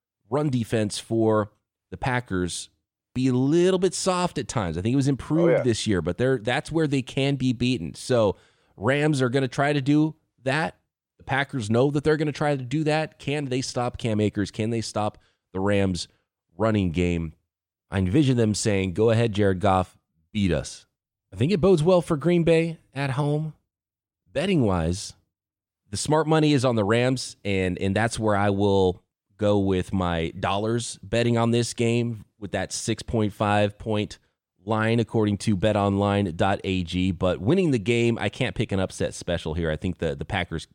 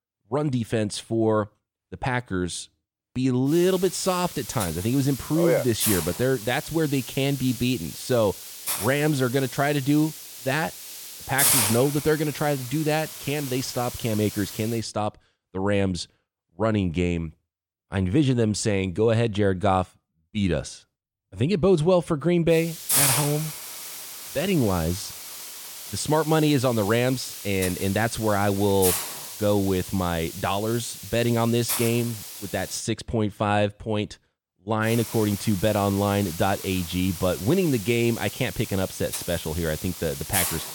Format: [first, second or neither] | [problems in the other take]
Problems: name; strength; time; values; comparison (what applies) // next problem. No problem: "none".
first | hiss; loud; from 3.5 to 15 s, from 23 to 33 s and from 35 s on; 5 dB below the speech